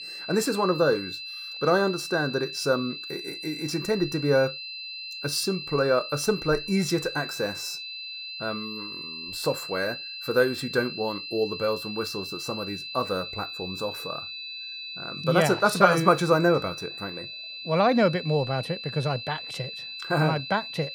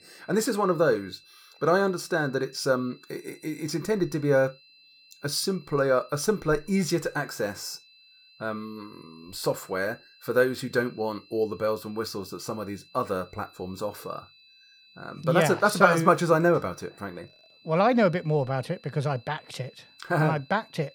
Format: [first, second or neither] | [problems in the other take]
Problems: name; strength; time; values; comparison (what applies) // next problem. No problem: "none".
second | high-pitched whine; loud; throughout; 4 kHz, 9 dB below the speech; faint in the second